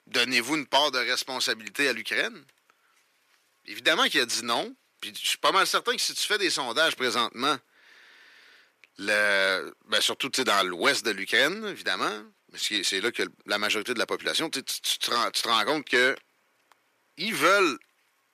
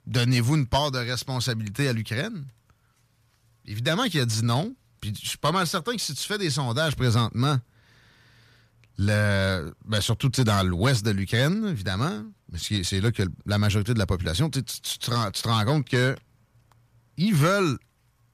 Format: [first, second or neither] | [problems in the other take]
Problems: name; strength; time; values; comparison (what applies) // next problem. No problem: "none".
second | thin; very; fading below 350 Hz